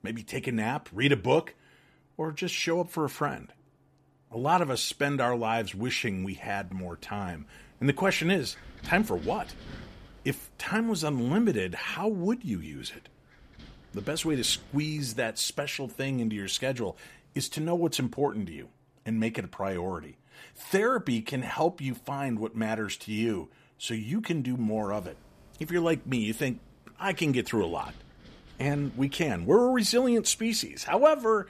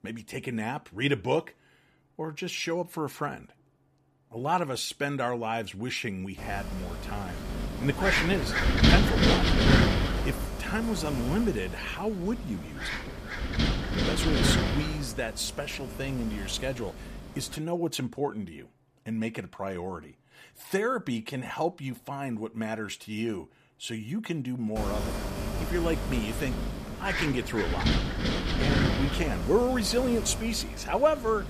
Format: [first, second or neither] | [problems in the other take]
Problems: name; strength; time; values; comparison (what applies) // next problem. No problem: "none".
first | wind noise on the microphone; heavy; from 6.5 to 18 s and from 25 s on; 2 dB above the speech; occasional gusts in the first